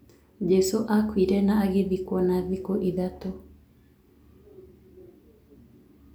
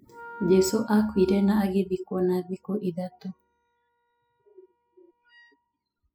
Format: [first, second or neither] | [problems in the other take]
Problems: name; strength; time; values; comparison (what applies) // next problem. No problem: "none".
first | noise reduction (classical method spectral subtraction)